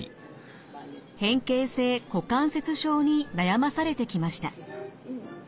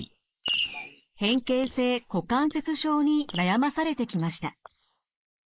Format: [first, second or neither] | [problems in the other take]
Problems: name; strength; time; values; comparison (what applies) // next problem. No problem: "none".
first | noise reduction (neural mask model Resemble Enhance denoiser)